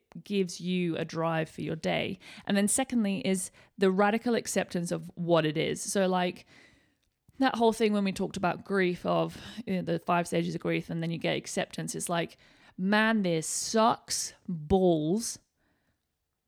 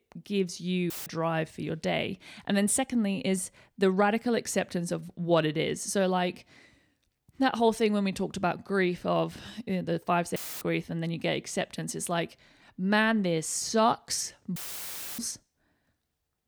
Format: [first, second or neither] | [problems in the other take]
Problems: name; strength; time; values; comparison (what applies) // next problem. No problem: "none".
first | audio cutting out; filled with static; at 1 s, at 10 s and at 15 s for 0.5 s